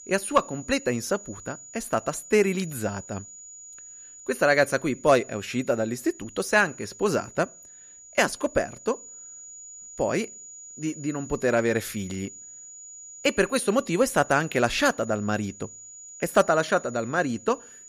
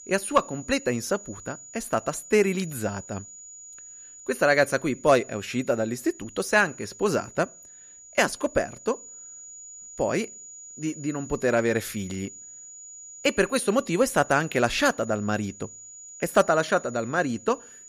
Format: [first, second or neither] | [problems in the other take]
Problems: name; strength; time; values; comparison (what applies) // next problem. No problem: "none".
neither | high-pitched whine; noticeable; throughout; 7 kHz, 15 dB below the speech; the same in both